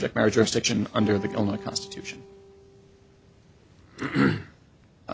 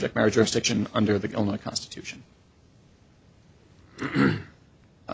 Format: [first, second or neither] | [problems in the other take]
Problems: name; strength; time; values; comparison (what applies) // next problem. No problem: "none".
second | background sound (Guitar); 15 dB below the speech